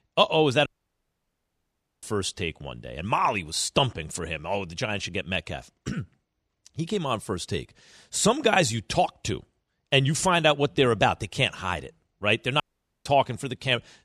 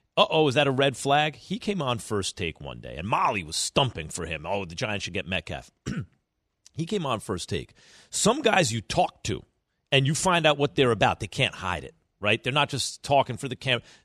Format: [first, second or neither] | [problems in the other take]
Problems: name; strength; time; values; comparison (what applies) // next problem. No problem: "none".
second | audio cutting out; at 0.5 s for 1.5 s and at 13 s